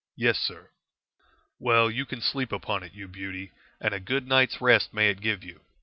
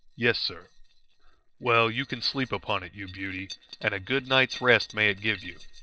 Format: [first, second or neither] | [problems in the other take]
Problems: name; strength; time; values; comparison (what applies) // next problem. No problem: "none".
first | noise reduction (neural separator model SepFormer DNS4)